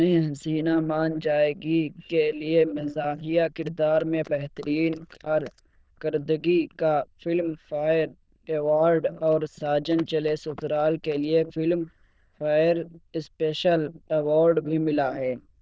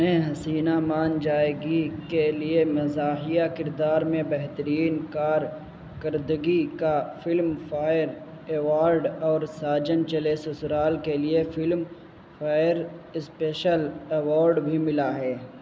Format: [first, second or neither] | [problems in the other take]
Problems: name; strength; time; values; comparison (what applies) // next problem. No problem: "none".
second | noise reduction (neural diffusion model UNIVERSE++)